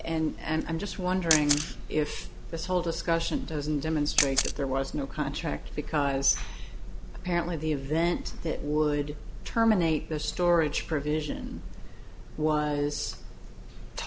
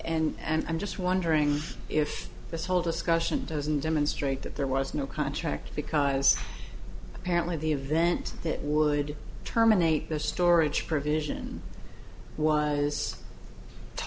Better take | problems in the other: second | background sound (Camera); 4 dB below the speech

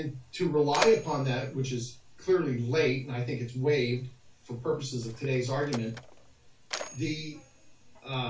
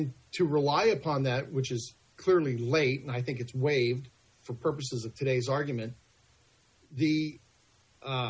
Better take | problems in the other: second | background sound (Mechanisms); 13 dB below the speech // room echo; dies away in 0.2 s

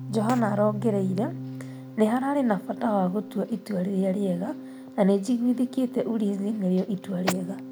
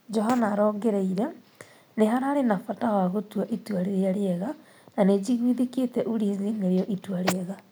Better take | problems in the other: second | background sound (Organ); 12 dB below the speech

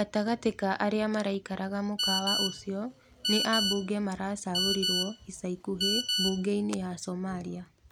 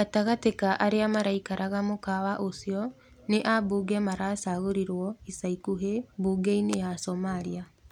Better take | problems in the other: second | background sound (Telephone); 1 dB below the speech

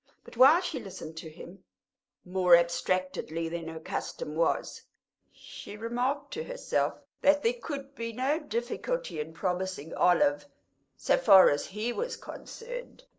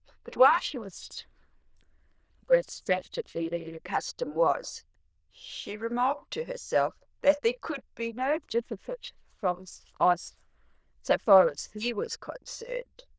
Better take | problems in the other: first | noise reduction (neural diffusion model UNIVERSE++)

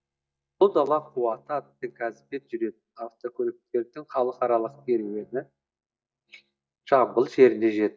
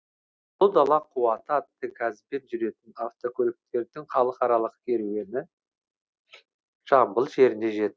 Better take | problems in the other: second | noise reduction (neural mask model DeepFilterNet 3)

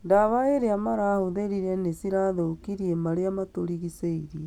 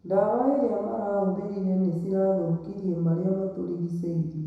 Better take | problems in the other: first | room echo; dies away in 1 s

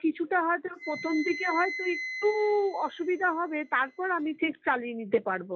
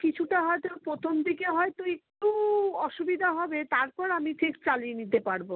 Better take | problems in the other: second | noise reduction (classical method log-MMSE)

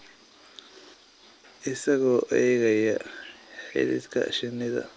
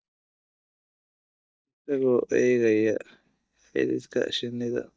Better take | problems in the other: first | noise reduction (neural mask model DeepFilterNet 3)

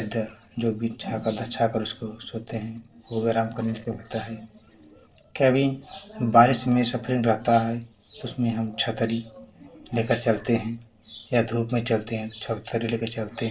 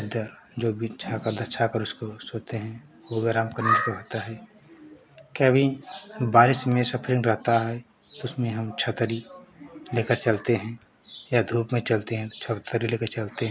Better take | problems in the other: second | noise reduction (neural separator model SepFormer DNS4)

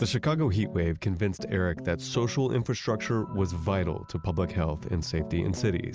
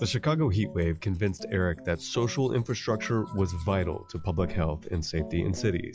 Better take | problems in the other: first | noise reduction (classical method log-MMSE)

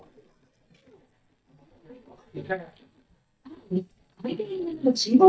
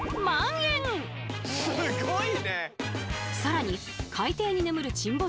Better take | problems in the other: second | noise reduction (neural mask model DeepFilterNet 3)

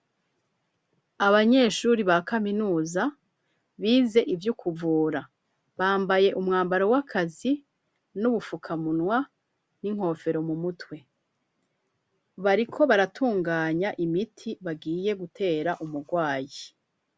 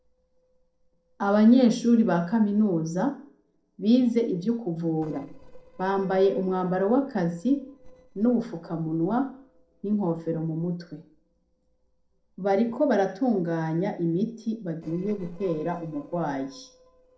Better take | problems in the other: first | noise reduction (neural separator model SepFormer DNS4)

